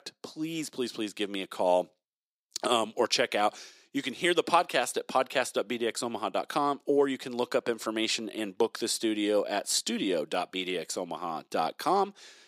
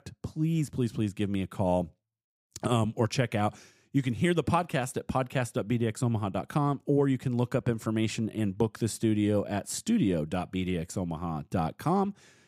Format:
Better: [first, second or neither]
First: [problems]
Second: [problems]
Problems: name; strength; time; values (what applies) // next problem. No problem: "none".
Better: second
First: thin; somewhat; fading below 350 Hz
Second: none